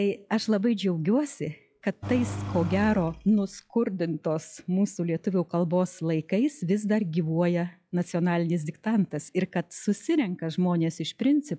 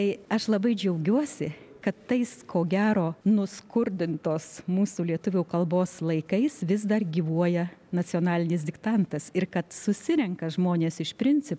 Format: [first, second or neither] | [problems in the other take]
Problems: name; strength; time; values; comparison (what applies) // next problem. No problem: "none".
second | noise reduction (classical method log-MMSE)